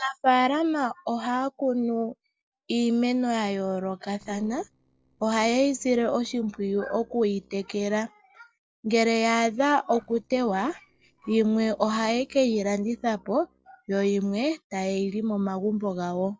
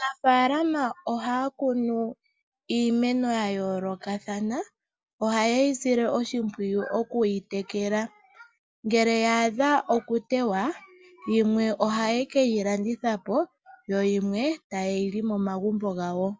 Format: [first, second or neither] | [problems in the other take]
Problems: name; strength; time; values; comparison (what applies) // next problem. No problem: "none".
second | noise reduction (neural separator model SepFormer DNS4)